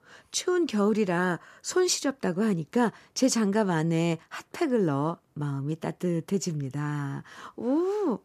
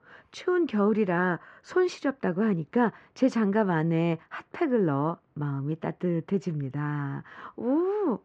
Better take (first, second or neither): first